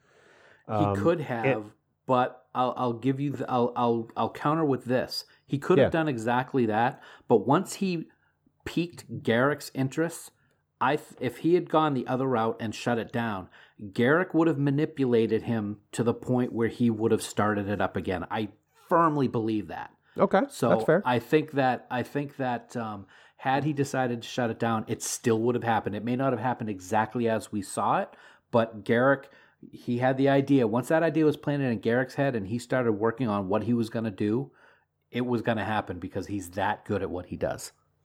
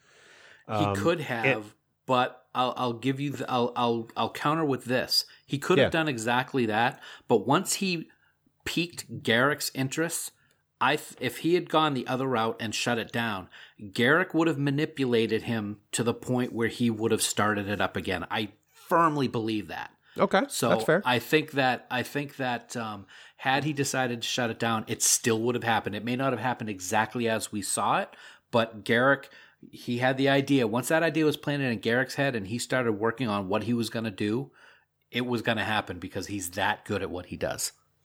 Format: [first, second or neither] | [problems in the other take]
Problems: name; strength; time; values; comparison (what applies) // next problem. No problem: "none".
second | muffled; slightly; fading above 1.5 kHz